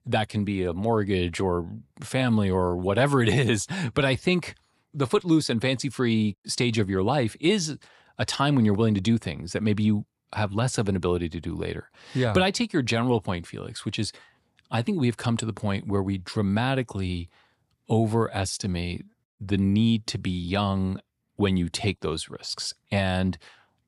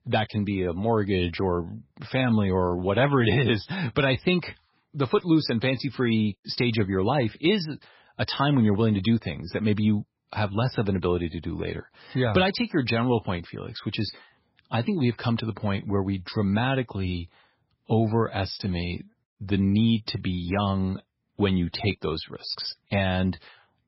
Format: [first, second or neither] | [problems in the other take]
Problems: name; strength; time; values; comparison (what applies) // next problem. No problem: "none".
first | garbled, watery; badly; nothing above 5.5 kHz